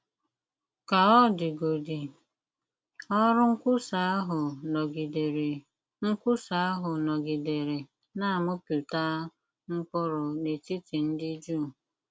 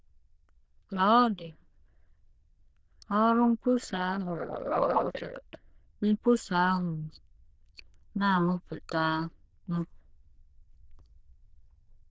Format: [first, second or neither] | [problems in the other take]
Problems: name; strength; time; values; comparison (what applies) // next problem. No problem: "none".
first | noise reduction (neural diffusion model UNIVERSE++)